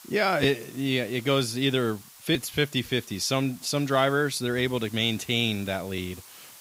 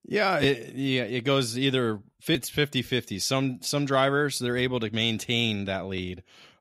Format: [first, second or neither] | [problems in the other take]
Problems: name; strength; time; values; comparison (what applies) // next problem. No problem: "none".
second | hiss; faint; throughout; 20 dB below the speech